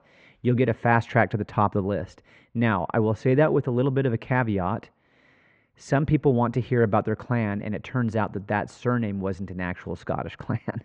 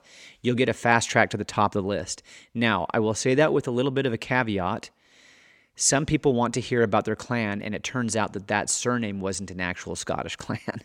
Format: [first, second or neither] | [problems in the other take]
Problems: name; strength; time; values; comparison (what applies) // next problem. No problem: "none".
second | muffled; very; fading above 1.5 kHz